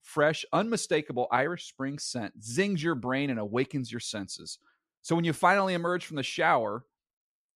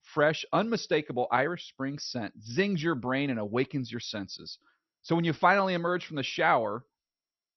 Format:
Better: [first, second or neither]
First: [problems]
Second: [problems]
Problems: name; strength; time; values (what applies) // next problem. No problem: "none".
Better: first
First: none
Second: garbled, watery; slightly; nothing above 6 kHz